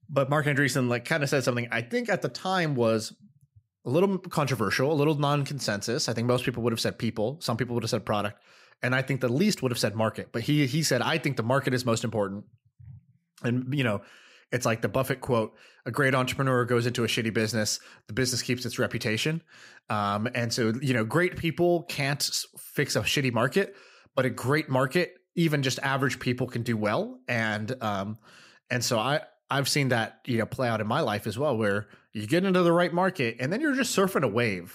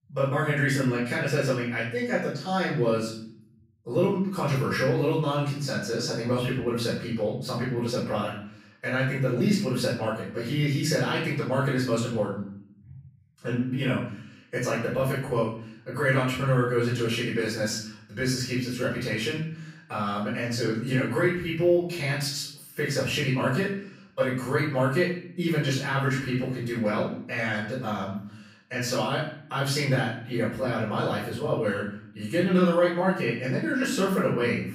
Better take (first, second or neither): first